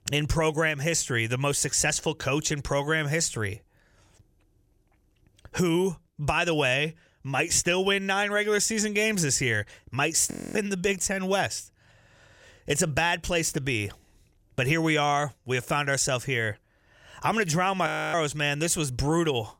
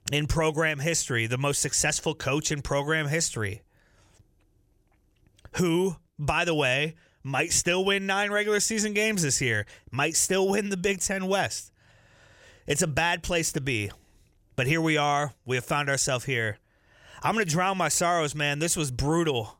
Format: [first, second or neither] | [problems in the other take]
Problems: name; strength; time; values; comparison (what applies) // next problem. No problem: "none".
second | audio freezing; at 10 s and at 18 s